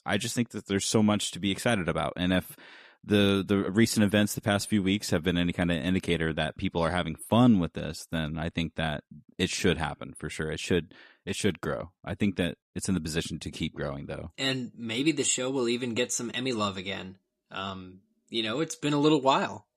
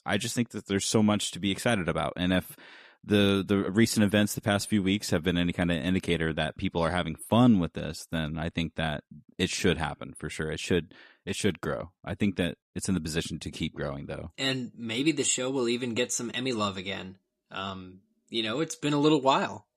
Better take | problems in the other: neither | none

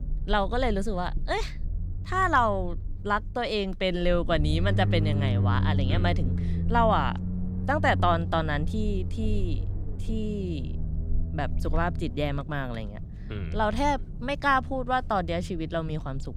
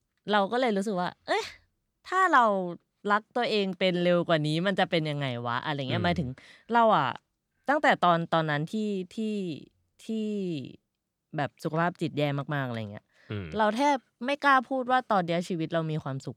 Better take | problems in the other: second | low rumble; noticeable; throughout; 15 dB below the speech

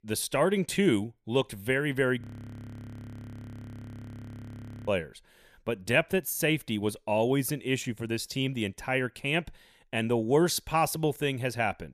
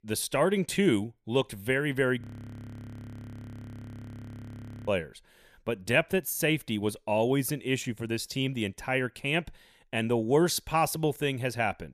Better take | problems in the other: neither | audio freezing; at 2 s for 2.5 s; the same in both

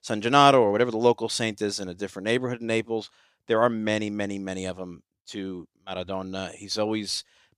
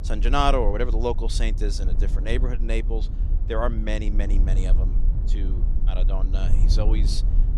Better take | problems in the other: first | low rumble; noticeable; throughout; 15 dB below the speech

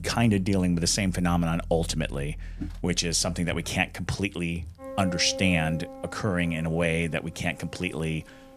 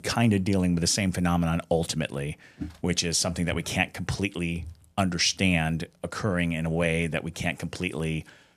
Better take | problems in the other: second | background music; noticeable; throughout; 15 dB below the speech

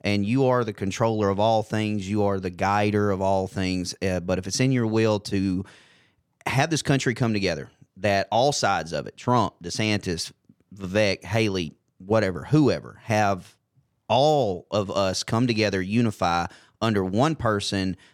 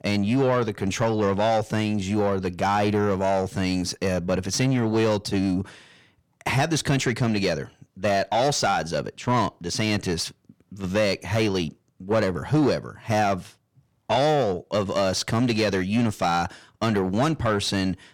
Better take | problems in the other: first | distortion; slight; 9 dB below the speech

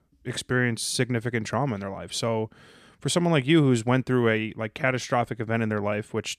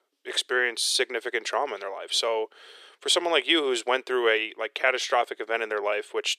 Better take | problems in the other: first | thin; very; fading below 400 Hz

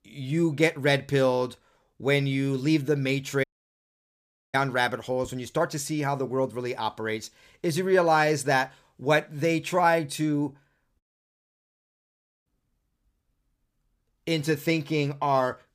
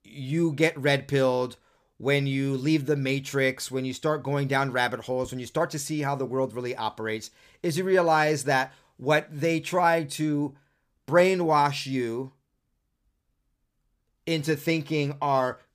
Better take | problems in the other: second | audio cutting out; at 3.5 s for 1 s and at 11 s for 1.5 s

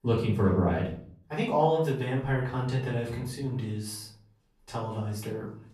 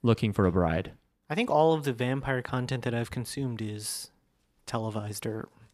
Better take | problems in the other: second | off-mic speech; far // room echo; slight; dies away in 0.5 s

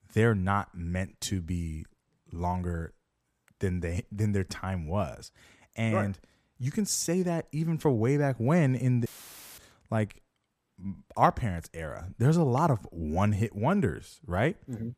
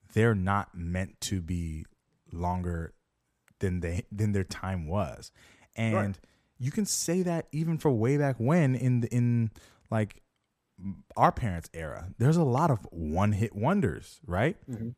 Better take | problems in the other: second | audio cutting out; filled with static; at 9 s for 0.5 s

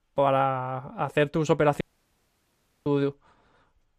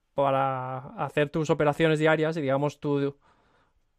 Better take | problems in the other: second | audio cutting out; at 2 s for 1 s

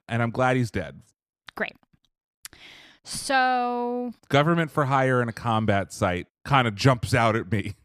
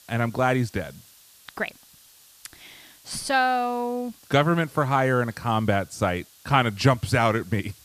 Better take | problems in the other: first | hiss; faint; throughout; 25 dB below the speech

